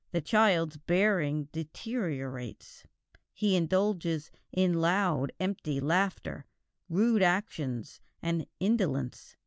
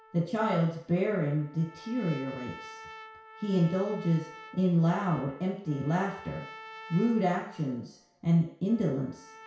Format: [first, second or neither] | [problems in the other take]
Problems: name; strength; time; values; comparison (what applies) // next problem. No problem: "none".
first | background sound (Trumpet); 19 dB below the speech // room echo; dies away in 0.6 s